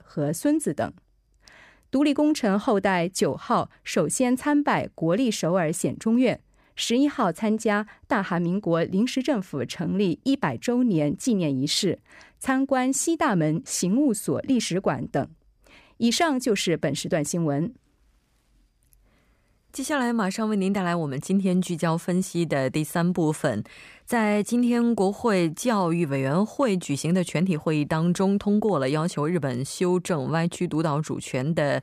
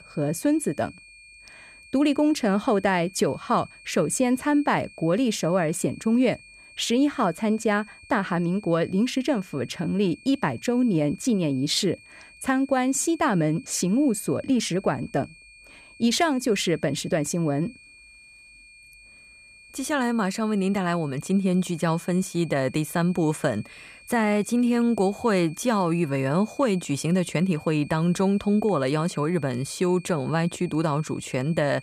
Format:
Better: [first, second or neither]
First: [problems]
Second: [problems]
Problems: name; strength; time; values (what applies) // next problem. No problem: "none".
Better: first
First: none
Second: high-pitched whine; faint; throughout; 2.5 kHz, 25 dB below the speech